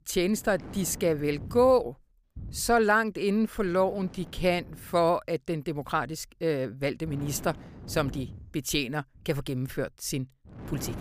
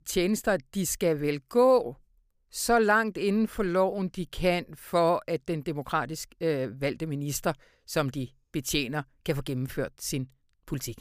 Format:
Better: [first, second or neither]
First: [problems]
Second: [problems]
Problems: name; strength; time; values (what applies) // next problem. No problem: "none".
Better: second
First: wind noise on the microphone; occasional gusts; 20 dB below the speech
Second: none